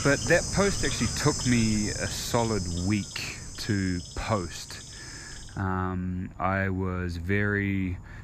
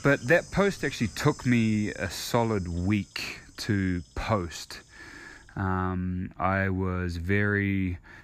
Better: second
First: animal sounds; loud; throughout; 5 dB below the speech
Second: animal sounds; faint; throughout; 20 dB below the speech

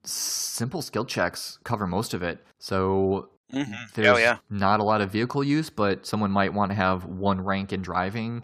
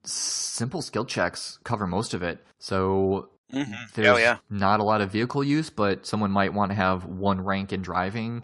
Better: first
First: none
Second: garbled, watery; slightly; nothing above 11 kHz

